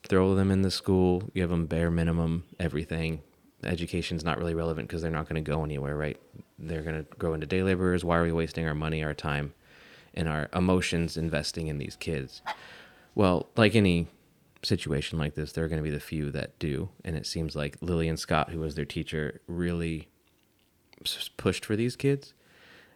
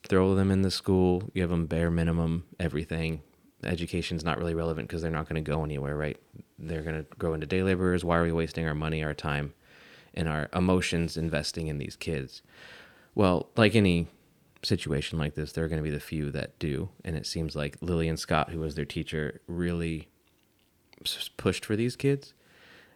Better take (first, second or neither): second